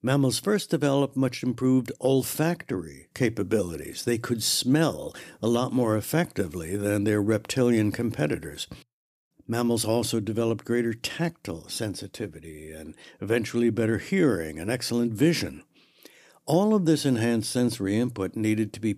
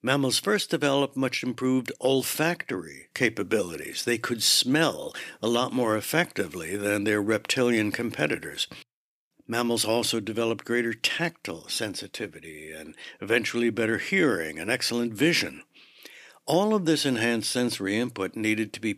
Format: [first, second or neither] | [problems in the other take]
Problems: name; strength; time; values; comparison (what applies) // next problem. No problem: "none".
first | thin; very slightly; fading below 550 Hz